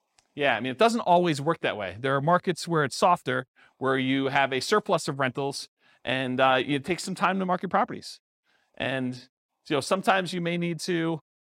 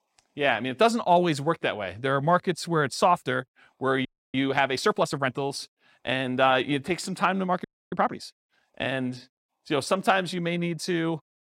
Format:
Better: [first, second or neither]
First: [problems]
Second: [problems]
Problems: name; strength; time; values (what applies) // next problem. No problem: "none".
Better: first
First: none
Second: audio freezing; at 4 s and at 7.5 s